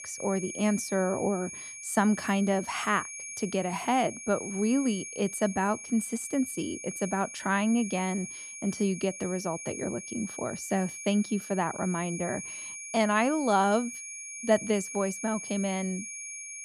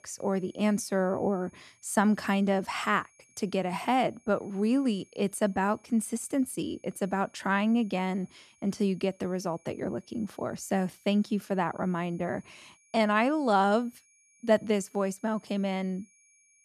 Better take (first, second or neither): second